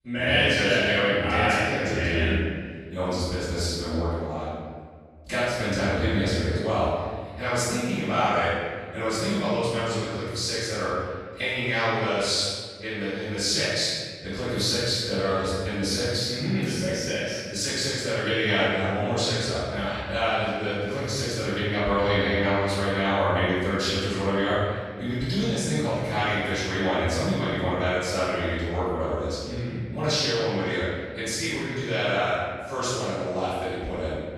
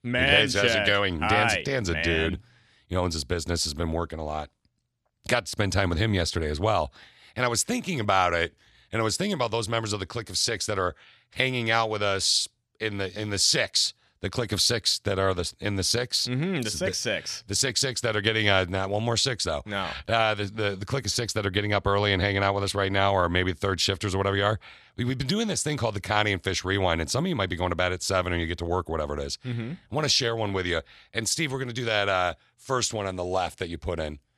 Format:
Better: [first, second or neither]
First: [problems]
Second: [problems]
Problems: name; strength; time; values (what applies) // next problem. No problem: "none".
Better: second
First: off-mic speech; far // room echo; strong; dies away in 1.6 s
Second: none